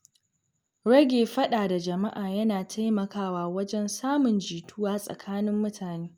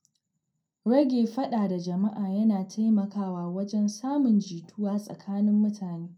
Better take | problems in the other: first | room echo; dies away in 0.2 s

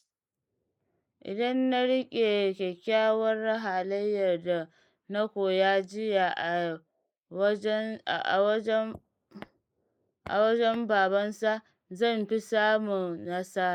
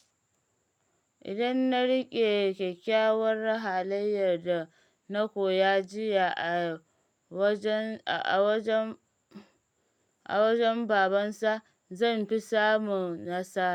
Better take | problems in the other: second | noise reduction (neural mask model Resemble Enhance denoiser)

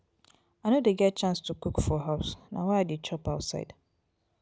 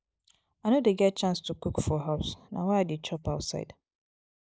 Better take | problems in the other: first | noise reduction (neural mask model Resemble Enhance denoiser)

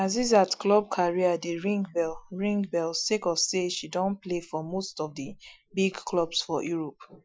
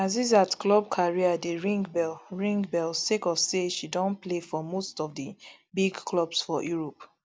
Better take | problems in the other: second | noise reduction (classical method Wiener filter)

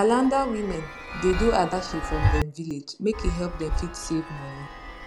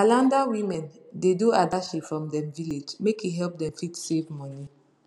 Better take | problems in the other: second | background sound (Chime); 4 dB below the speech

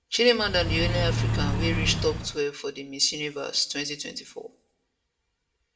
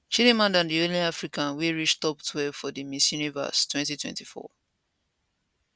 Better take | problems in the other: second | background sound (Accelerating, revving, vroom / Car); 2 dB above the speech // room echo; dies away in 0.3 s

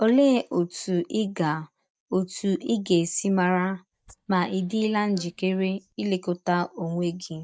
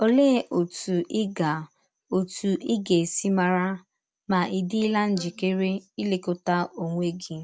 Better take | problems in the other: second | noise reduction (neural mask model DeepFilterNet 3)

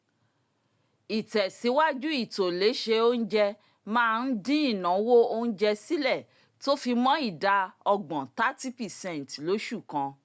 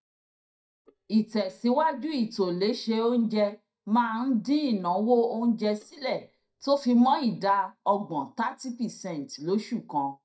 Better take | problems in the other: first | noise reduction (neural mask model DeepFilterNet 3)

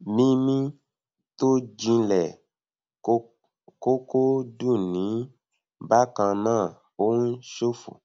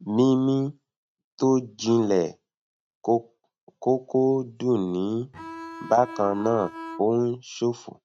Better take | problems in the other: first | noise reduction (neural mask model RNNoise)

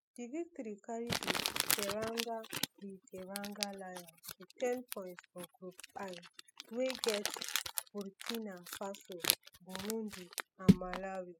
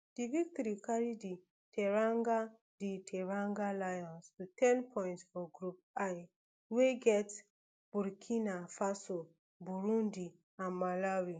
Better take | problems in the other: second | noise reduction (classical method spectral subtraction)

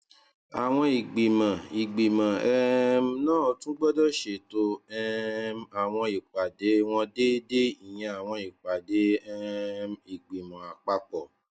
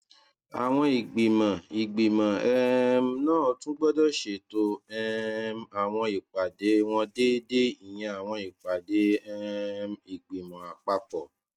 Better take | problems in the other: first | noise reduction (neural mask model RNNoise)

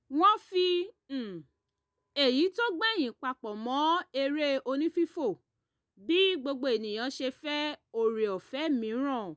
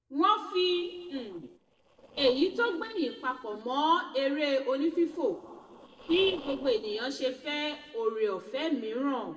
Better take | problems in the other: first | noise reduction (neural separator model SepFormer DNS4)

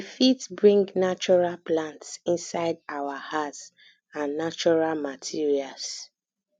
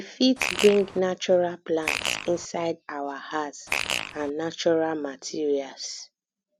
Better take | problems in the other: first | background sound (Fart); 3 dB below the speech

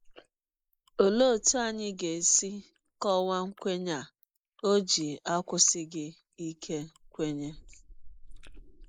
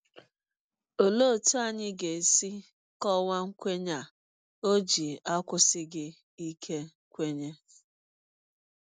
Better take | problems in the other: second | noise reduction (neural mask model Resemble Enhance denoiser)

